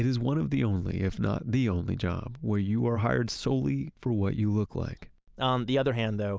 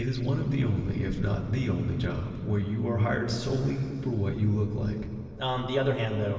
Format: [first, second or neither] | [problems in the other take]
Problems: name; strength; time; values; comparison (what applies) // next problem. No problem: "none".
first | room echo; dies away in 2.6 s